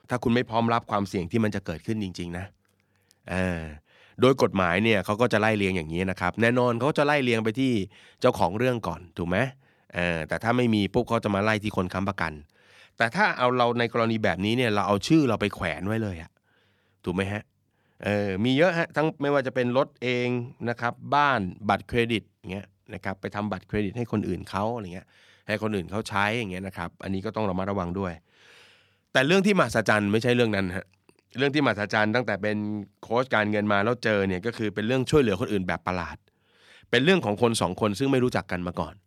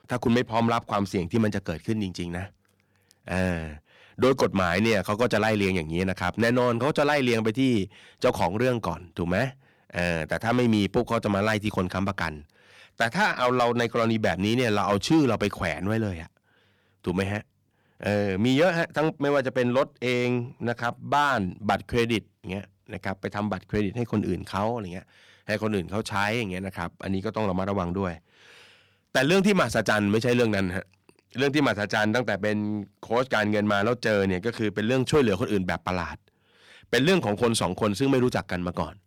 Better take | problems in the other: first | distortion; slight; 3% of the sound clipped

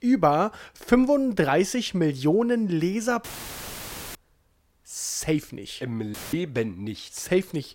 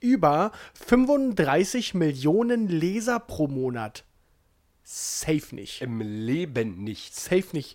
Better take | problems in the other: second | audio cutting out; filled with static; at 3 s for 1 s and at 6 s

